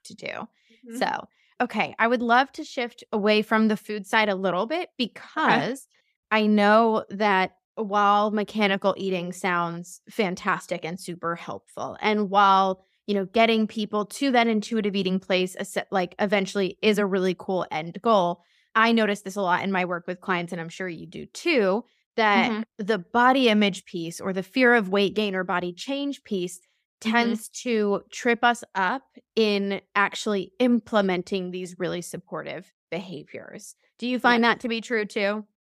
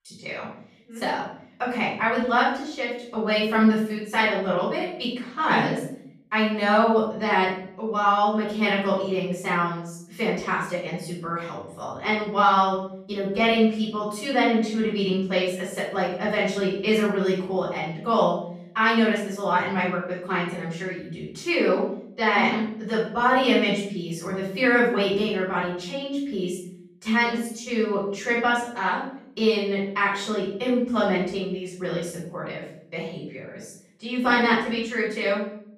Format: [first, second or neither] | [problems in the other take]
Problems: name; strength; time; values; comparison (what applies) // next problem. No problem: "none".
first | room echo; noticeable; dies away in 0.6 s // off-mic speech; far